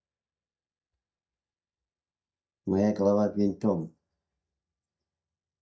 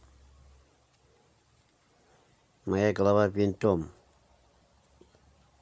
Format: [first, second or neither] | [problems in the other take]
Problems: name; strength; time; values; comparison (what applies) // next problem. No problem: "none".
second | noise reduction (neural mask model DeepFilterNet 3)